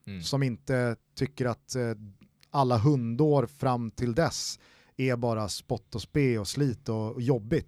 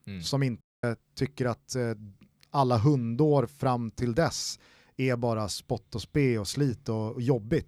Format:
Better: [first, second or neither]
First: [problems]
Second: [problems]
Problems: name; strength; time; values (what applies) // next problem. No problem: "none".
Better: first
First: none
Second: audio cutting out; at 0.5 s